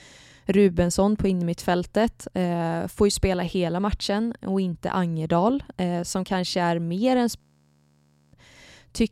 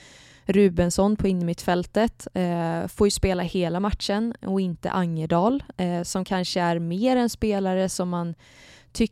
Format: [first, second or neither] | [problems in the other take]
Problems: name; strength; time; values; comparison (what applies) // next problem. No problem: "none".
second | audio freezing; at 7.5 s for 1 s